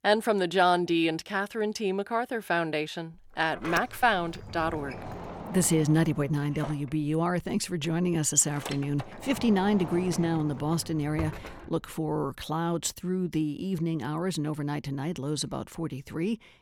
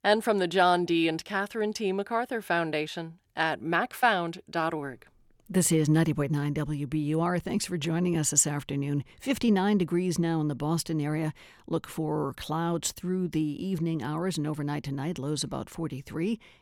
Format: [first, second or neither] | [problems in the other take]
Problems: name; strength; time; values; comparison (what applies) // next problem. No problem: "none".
second | door banging; noticeable; from 3.5 to 12 s; peak 8 dB below the speech